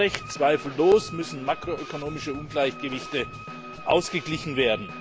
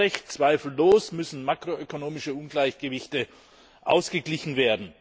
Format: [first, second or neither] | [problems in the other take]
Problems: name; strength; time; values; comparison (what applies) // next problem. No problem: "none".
second | background sound (Snare drum / Drum kit + Wind instrument, woodwind instrument); 13 dB below the speech